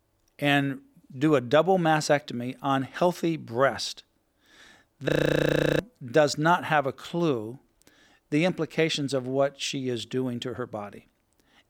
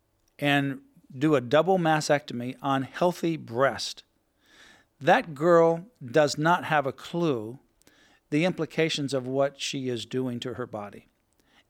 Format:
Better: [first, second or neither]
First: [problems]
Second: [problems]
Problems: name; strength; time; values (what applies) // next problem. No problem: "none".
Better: second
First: audio freezing; at 5 s for 0.5 s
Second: none